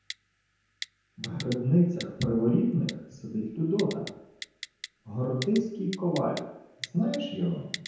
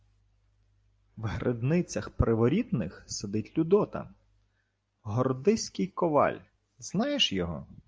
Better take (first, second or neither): second